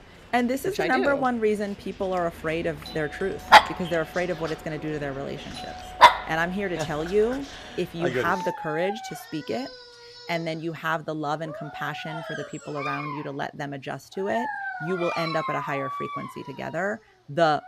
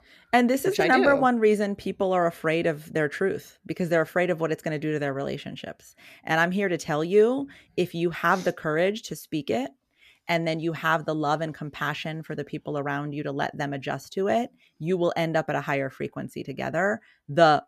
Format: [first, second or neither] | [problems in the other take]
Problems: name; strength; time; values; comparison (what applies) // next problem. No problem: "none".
second | animal sounds; very loud; throughout; 4 dB above the speech